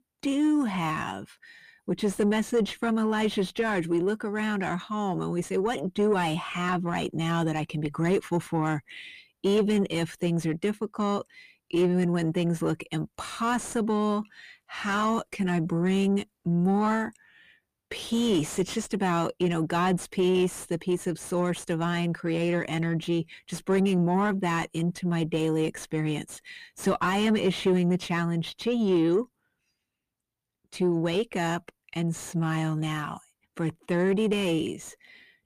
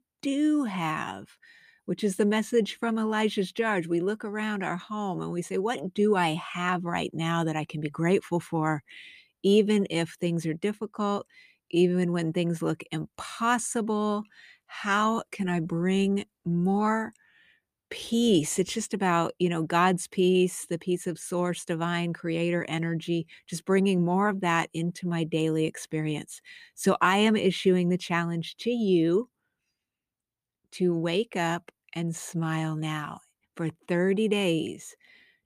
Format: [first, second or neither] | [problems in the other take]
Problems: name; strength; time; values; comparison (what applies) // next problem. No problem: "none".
second | distortion; slight; 10 dB below the speech